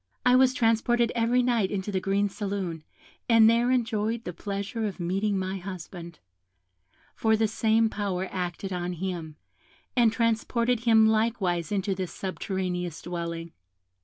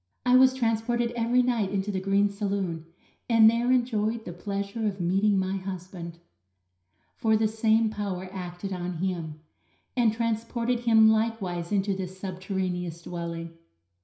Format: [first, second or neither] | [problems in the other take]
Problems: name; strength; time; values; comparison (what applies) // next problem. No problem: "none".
first | room echo; dies away in 0.5 s